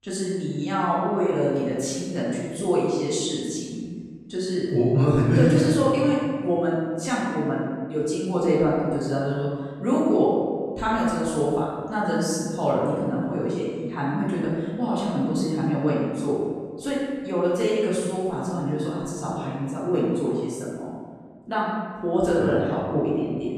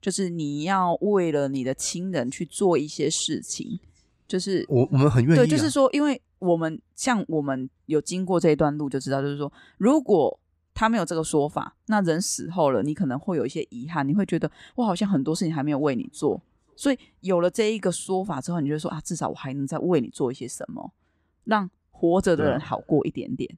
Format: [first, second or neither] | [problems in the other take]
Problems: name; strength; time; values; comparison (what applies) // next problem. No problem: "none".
second | room echo; strong; dies away in 1.6 s // off-mic speech; far